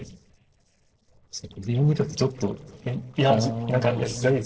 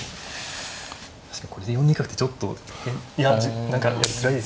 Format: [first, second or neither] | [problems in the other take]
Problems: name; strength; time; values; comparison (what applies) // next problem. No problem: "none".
second | noise reduction (neural separator model SepFormer DNS4)